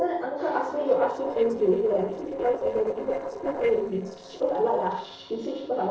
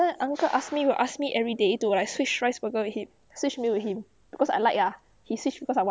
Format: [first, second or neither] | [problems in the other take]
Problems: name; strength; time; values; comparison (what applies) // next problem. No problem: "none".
second | noise reduction (neural separator model SepFormer DNS4)